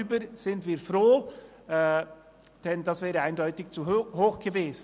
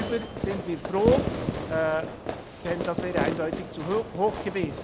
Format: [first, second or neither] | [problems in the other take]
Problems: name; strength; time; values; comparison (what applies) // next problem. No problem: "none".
first | background sound (Fireworks); 3 dB below the speech